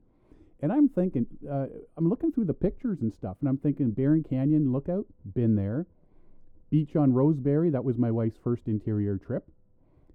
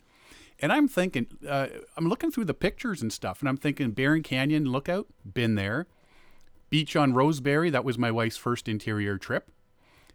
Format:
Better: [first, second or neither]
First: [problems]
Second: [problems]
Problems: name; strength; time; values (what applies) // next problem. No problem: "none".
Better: second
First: muffled; very; fading above 1 kHz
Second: none